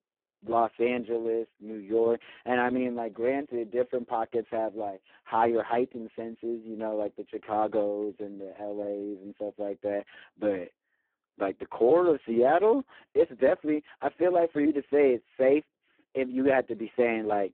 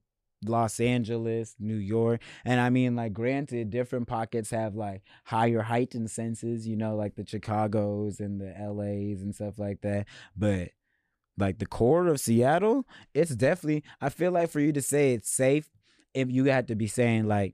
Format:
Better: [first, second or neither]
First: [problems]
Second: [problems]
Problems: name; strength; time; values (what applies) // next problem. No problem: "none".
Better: second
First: phone-call audio; poor line; nothing above 3.5 kHz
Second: none